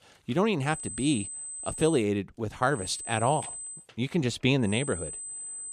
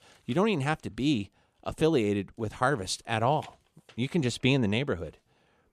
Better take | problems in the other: second | high-pitched whine; loud; from 0.5 to 2 s, from 3 to 4 s and from 4.5 s on; 8 kHz, 9 dB below the speech

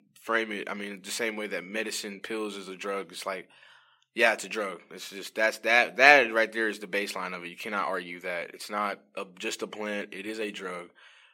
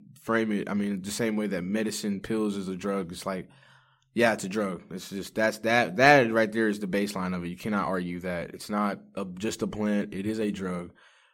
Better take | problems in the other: second | thin; somewhat; fading below 400 Hz

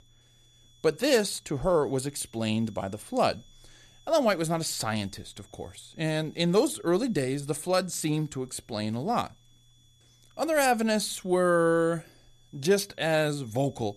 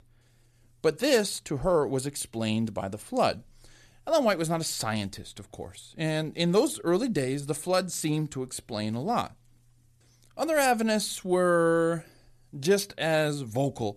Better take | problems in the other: second | high-pitched whine; faint; throughout; 3.5 kHz, 35 dB below the speech

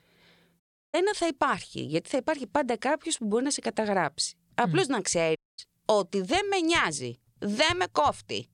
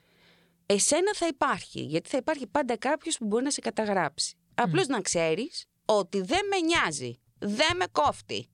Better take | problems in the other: second | audio cutting out; at 0.5 s and at 5.5 s

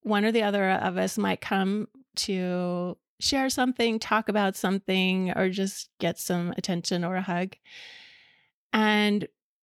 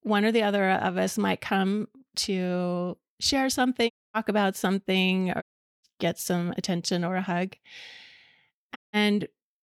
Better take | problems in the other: first | audio cutting out; at 4 s, at 5.5 s and at 9 s

